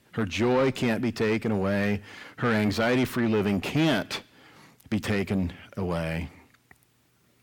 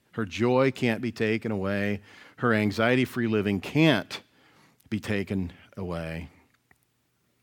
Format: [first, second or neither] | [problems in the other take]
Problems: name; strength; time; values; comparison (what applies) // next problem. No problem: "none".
second | distortion; heavy; 7 dB below the speech